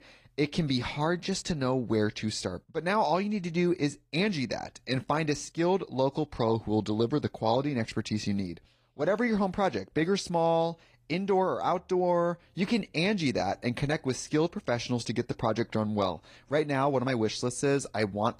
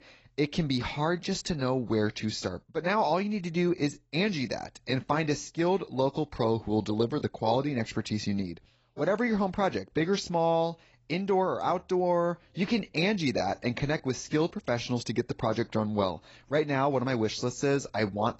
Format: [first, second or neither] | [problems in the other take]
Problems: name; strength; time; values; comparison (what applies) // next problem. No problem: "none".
first | garbled, watery; badly; nothing above 7.5 kHz; slightly in the first